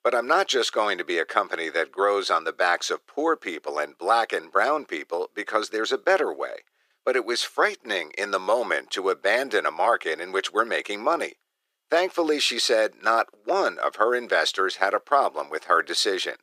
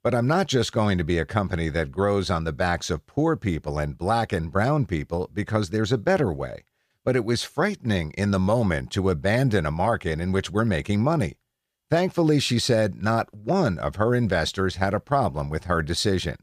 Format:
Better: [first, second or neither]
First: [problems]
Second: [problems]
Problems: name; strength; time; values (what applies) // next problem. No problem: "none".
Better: second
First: thin; very; fading below 350 Hz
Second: none